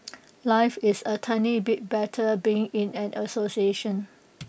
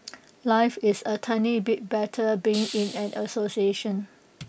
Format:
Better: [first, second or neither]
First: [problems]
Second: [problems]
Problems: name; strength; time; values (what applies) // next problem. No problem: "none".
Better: first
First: none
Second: background sound (Hiss); 14 dB below the speech